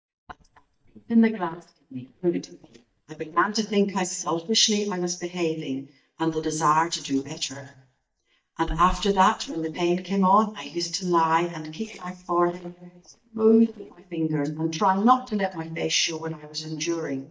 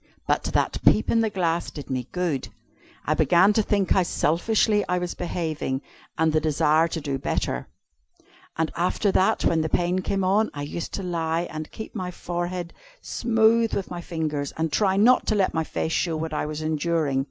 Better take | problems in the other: second | noise reduction (neural mask model DeepFilterNet 3)

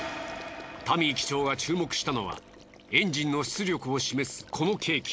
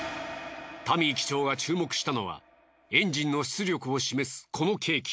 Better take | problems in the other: second | background sound (Water / Liquid); 18 dB below the speech

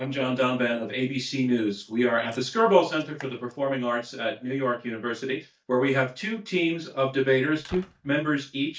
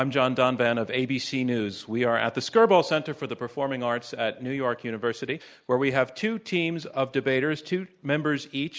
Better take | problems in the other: second | noise reduction (neural mask model DeepFilterNet 3)

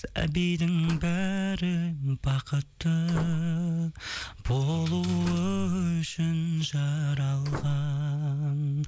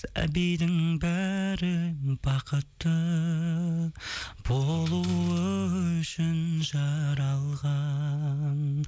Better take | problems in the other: second | background sound (Slam); 13 dB below the speech

